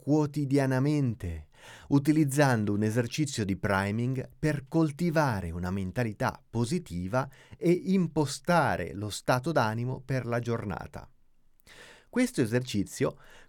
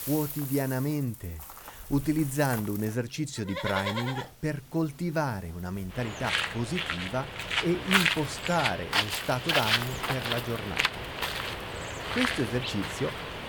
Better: first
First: none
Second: animal sounds; very loud; throughout; 1 dB above the speech

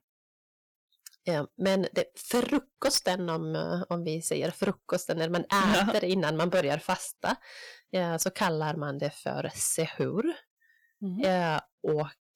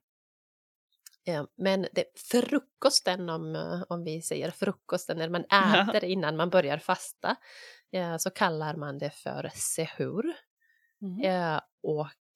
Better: second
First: distortion; heavy; 5% of the sound clipped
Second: none

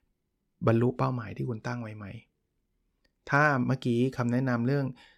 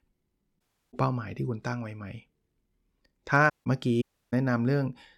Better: first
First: none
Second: audio cutting out; at 0.5 s, at 3.5 s and at 4 s

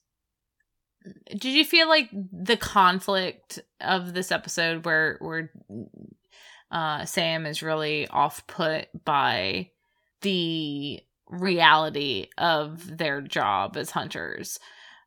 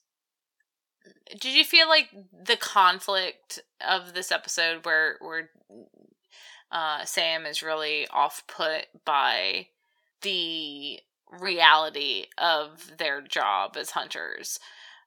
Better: first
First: none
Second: thin; somewhat; fading below 500 Hz

